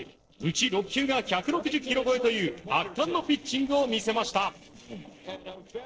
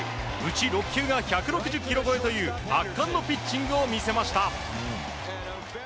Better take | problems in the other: second | noise reduction (neural separator model SepFormer DNS4)

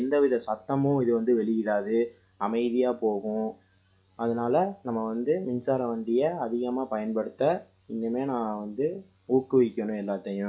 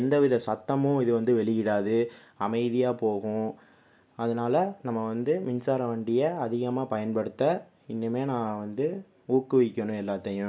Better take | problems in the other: second | noise reduction (classical method log-MMSE)

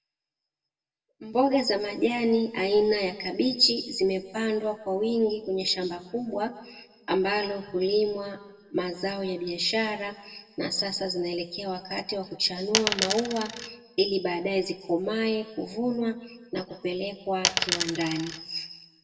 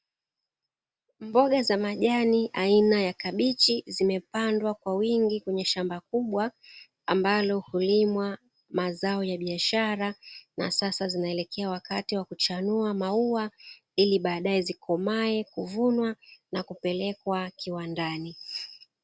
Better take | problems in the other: second | background sound (Coin (dropping)); 1 dB below the speech // room echo; dies away in 0.9 s

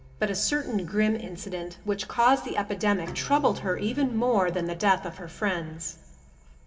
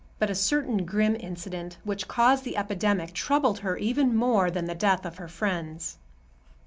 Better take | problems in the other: second | background sound (Bowed string instrument); 20 dB below the speech // room echo; dies away in 1.2 s

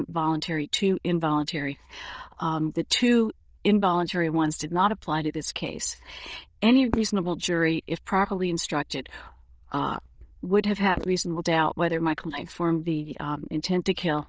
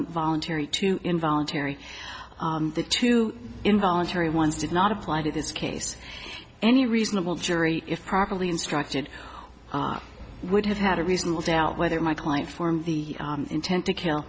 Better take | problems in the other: second | noise reduction (neural diffusion model UNIVERSE++)

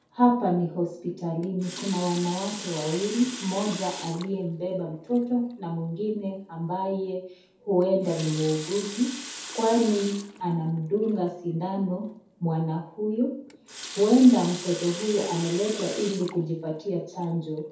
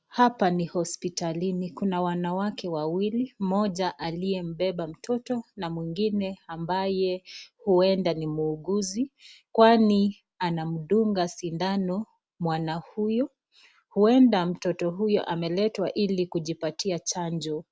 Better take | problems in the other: second | background sound (Water tap, faucet); 15 dB below the speech // room echo; dies away in 0.6 s

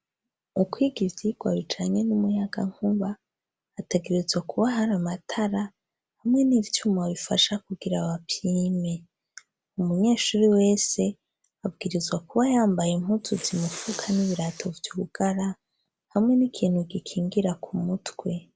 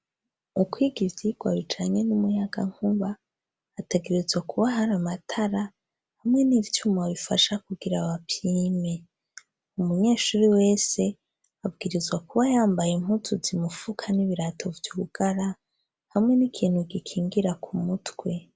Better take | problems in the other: second | background sound (Respiratory sounds); 17 dB below the speech

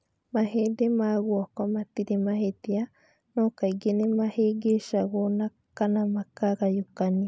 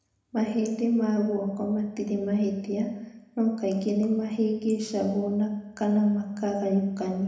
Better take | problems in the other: first | room echo; dies away in 0.9 s

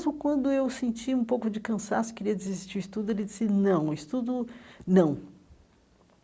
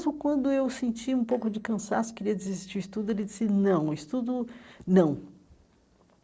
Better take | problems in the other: first | noise reduction (neural separator model SepFormer DNS4)

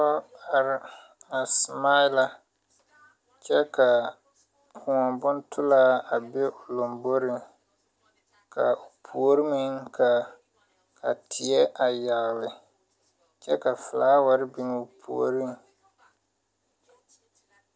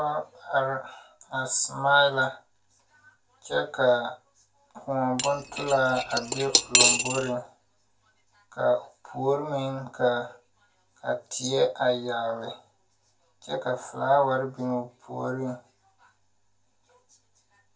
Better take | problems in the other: first | background sound (Cutlery, silverware / Dishes, pots, and pans); 3 dB above the speech // room echo; dies away in 0.2 s

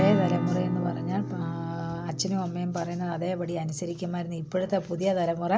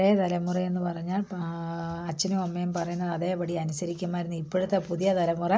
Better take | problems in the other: second | background sound (Acoustic guitar / Strum); 5 dB below the speech

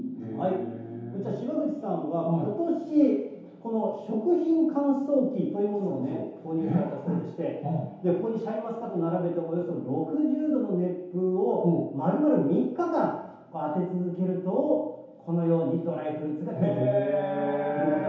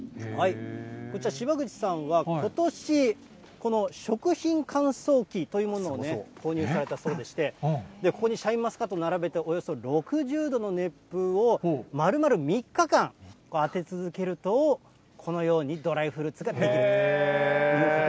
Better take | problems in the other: second | room echo; dies away in 0.8 s

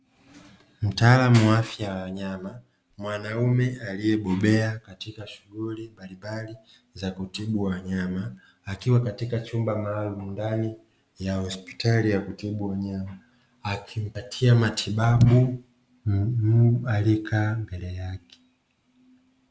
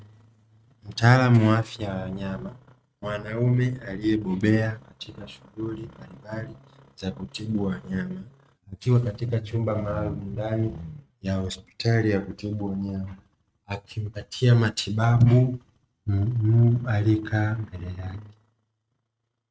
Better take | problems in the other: first | noise reduction (neural mask model RNNoise)

